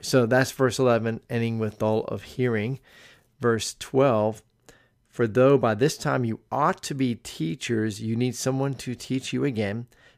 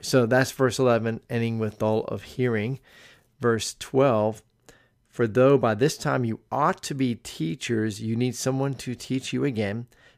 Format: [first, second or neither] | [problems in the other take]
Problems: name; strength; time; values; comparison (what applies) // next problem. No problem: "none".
neither | none